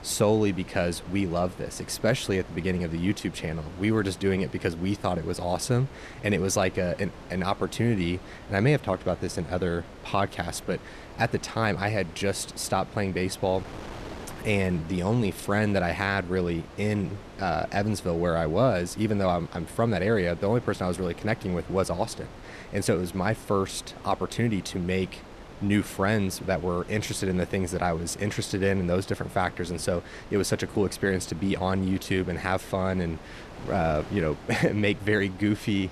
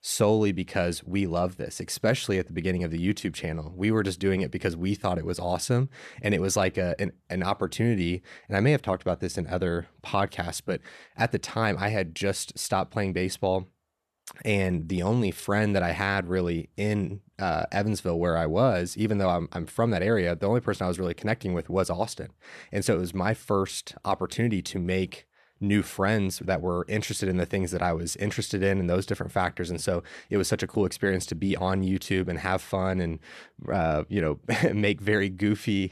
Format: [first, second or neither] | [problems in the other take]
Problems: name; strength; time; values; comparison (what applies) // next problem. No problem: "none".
second | wind noise on the microphone; occasional gusts; 15 dB below the speech